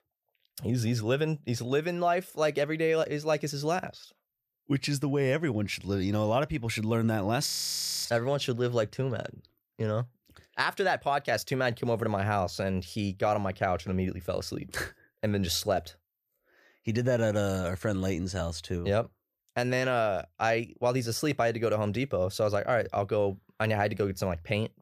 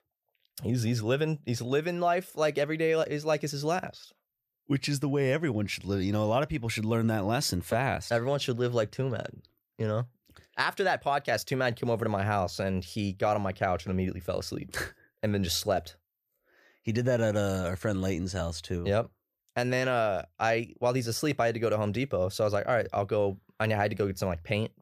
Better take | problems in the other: second | audio freezing; at 7.5 s for 0.5 s

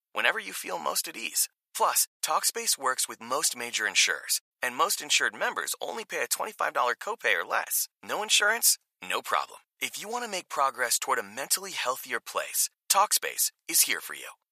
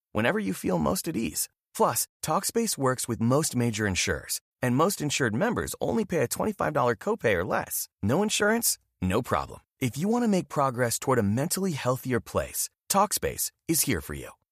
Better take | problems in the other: second | thin; very; fading below 900 Hz

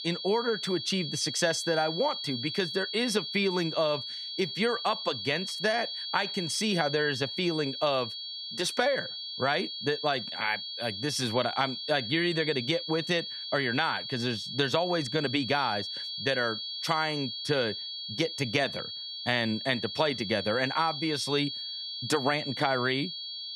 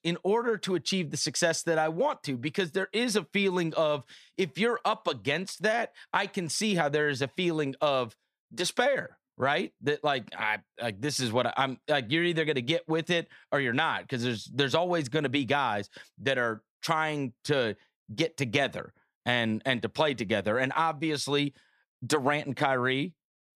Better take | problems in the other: second | high-pitched whine; loud; throughout; 4.5 kHz, 5 dB below the speech

